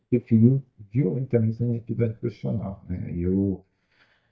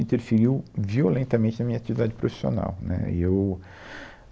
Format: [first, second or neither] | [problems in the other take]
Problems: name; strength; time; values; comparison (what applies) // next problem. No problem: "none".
second | noise reduction (neural mask model DeepFilterNet 3)